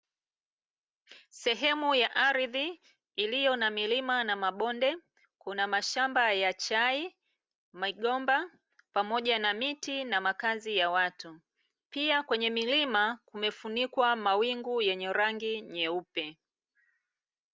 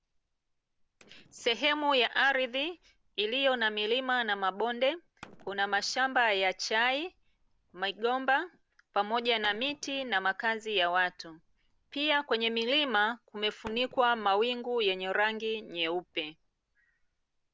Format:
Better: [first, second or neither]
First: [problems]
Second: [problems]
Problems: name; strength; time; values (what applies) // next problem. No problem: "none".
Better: first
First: none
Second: noise reduction (neural separator model SepFormer DNS4)